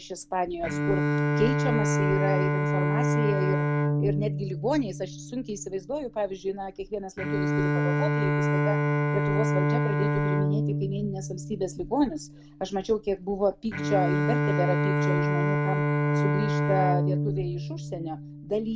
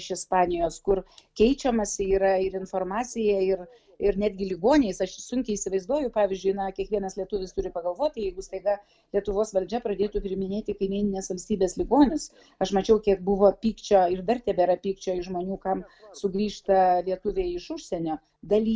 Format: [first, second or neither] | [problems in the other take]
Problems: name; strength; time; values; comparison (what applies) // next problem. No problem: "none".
second | background sound (Bowed string instrument); 4 dB above the speech